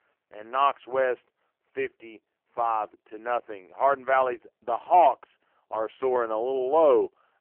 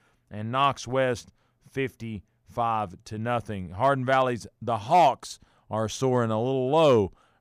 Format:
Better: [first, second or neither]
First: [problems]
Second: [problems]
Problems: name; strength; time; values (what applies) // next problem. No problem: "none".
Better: second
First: phone-call audio; poor line; nothing above 3 kHz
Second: none